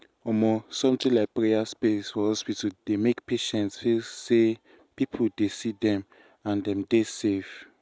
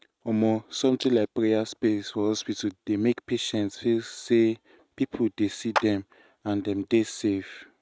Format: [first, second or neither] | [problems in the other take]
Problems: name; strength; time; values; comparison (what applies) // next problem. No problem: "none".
first | noise reduction (neural mask model RNNoise)